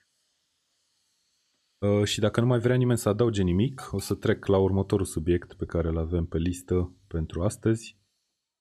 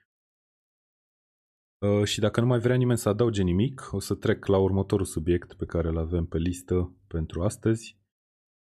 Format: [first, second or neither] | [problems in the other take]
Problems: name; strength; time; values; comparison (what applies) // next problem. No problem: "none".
second | hiss; faint; throughout; 25 dB below the speech